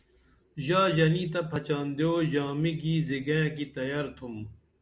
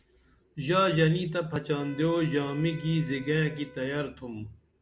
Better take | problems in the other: first | background sound (Wind instrument, woodwind instrument); 20 dB below the speech

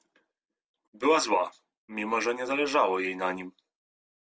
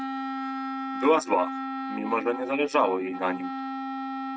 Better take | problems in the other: first | noise reduction (neural mask model RNNoise)

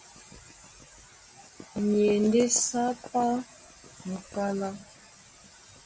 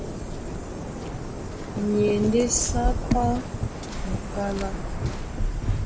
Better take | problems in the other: first | background sound (Waves, surf); as loud as the speech

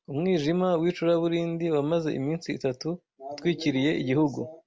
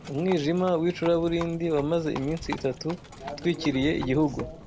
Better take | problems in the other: first | background sound (Livestock, farm animals, working animals); 14 dB below the speech

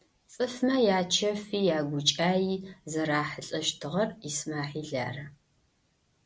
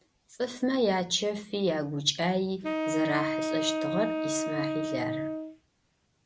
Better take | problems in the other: first | background sound (Wind instrument, woodwind instrument); as loud as the speech

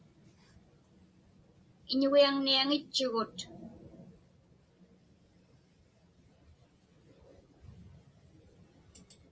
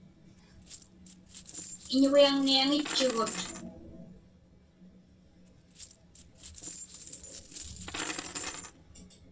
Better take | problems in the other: first | background sound (Coin (dropping)); 10 dB below the speech // room echo; dies away in 0.2 s

